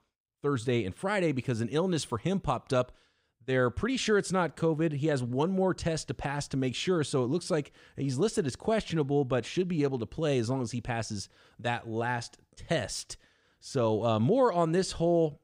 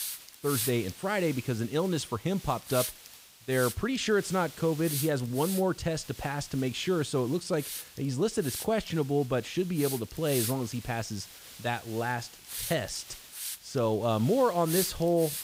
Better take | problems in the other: first | hiss; loud; throughout; 8 dB below the speech

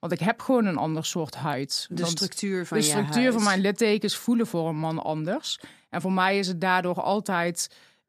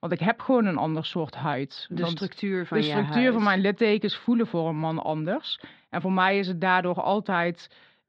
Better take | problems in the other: first | muffled; slightly; fading above 4 kHz

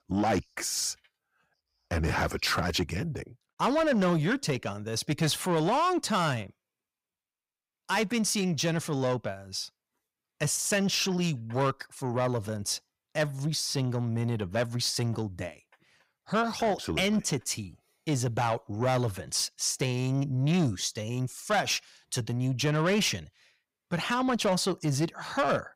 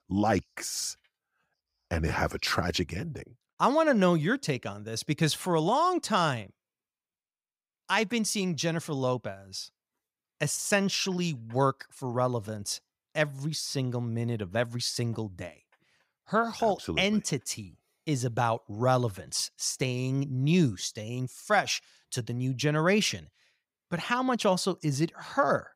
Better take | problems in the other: second | distortion; slight; 10 dB below the speech

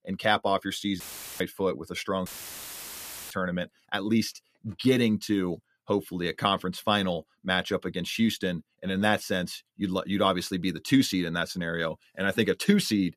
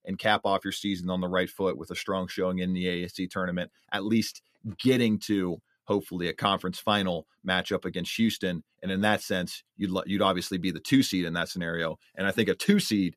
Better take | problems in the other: second | audio cutting out; filled with static; at 1 s and at 2.5 s for 1 s

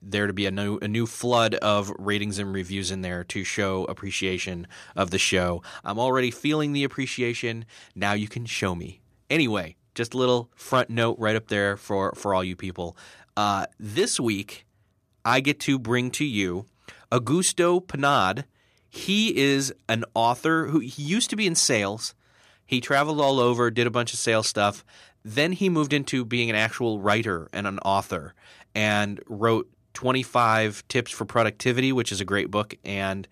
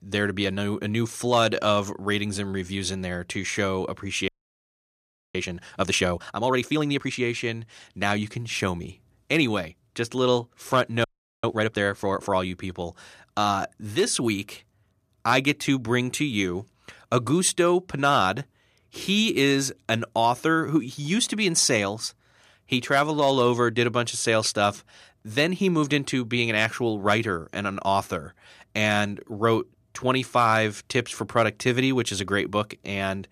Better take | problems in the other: first | audio freezing; at 4.5 s for 1 s and at 11 s

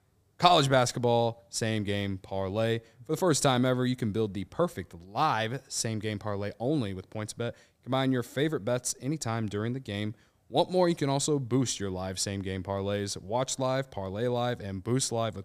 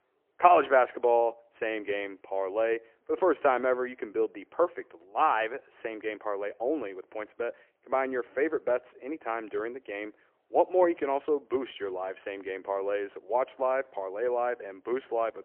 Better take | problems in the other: first | phone-call audio; poor line; nothing above 3 kHz

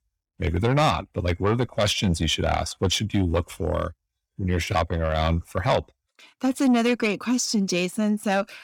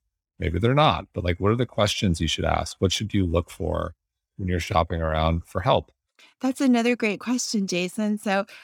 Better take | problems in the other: second | distortion; slight; 10 dB below the speech

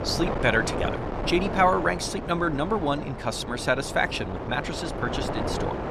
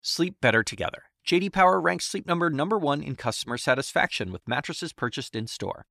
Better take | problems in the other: second | wind noise on the microphone; heavy; 7 dB below the speech

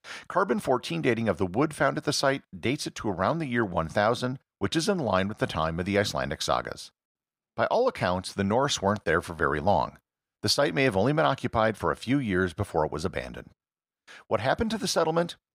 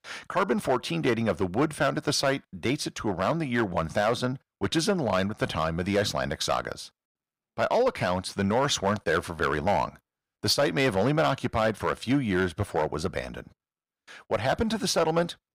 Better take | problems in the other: first | distortion; slight; 3% of the sound clipped

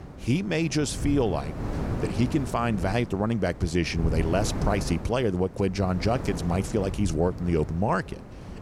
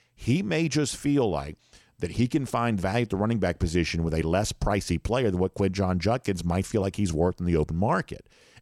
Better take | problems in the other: second | wind noise on the microphone; occasional gusts; 10 dB below the speech

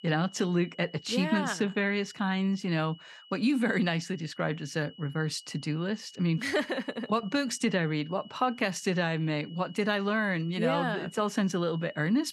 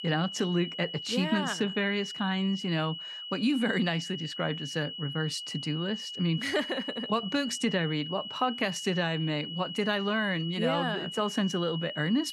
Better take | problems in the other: first | high-pitched whine; loud; throughout; 3 kHz, 7 dB below the speech; faint in the first

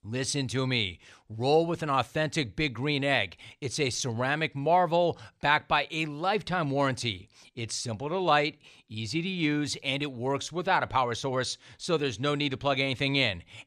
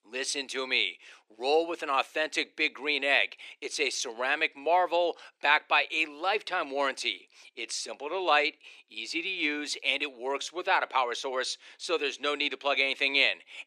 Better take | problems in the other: first | thin; somewhat; fading below 350 Hz

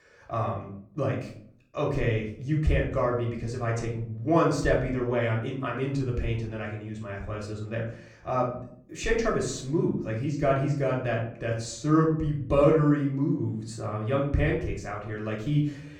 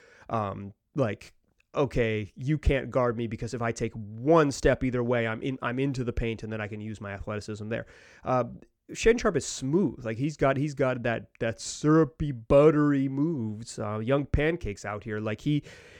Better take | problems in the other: second | off-mic speech; far // room echo; slight; dies away in 0.5 s

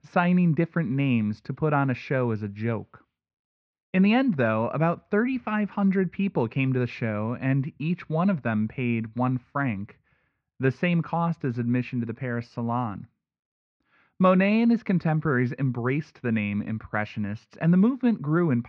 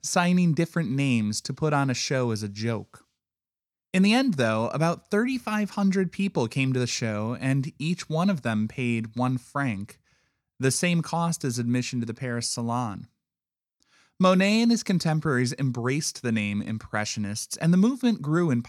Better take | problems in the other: second | muffled; very; fading above 2.5 kHz

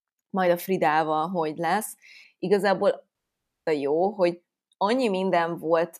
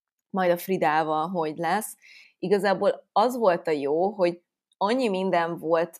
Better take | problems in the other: second | audio cutting out; at 3 s for 0.5 s

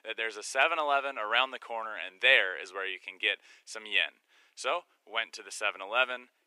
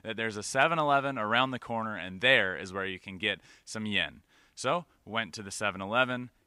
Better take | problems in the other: second | thin; very; fading below 350 Hz

